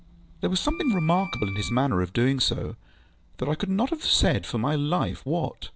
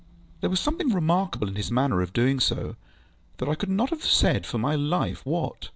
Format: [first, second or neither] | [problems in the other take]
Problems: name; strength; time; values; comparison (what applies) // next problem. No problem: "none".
second | background sound (Wind instrument, woodwind instrument); 14 dB below the speech